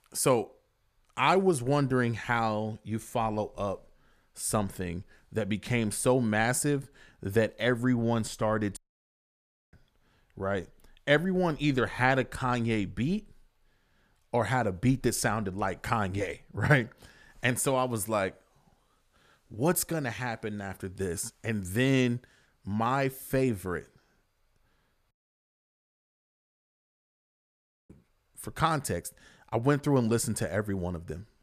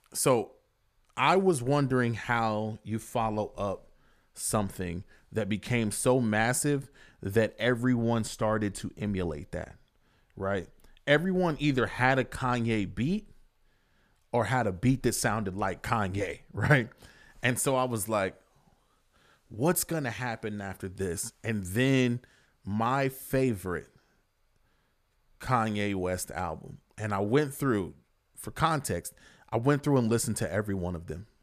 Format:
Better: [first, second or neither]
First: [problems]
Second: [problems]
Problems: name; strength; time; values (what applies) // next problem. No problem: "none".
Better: second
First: audio cutting out; at 9 s for 1 s and at 25 s for 3 s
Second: none